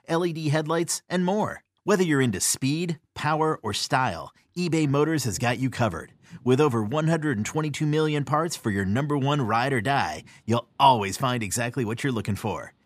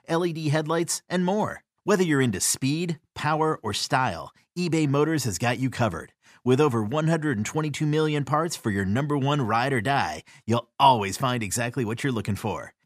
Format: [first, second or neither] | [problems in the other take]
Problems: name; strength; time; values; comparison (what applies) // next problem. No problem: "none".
second | rain or running water; faint; throughout; 30 dB below the speech